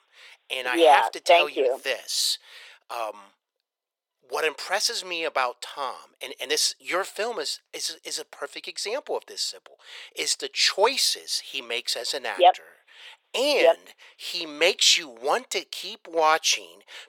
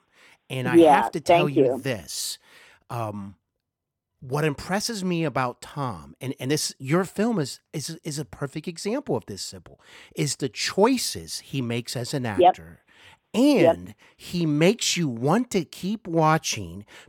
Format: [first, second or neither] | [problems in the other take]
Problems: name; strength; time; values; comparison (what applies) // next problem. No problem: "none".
second | thin; very; fading below 500 Hz